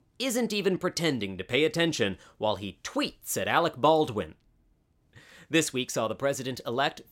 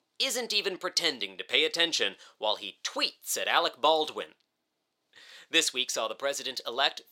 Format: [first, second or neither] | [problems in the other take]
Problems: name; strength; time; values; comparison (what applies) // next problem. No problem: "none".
first | thin; somewhat; fading below 500 Hz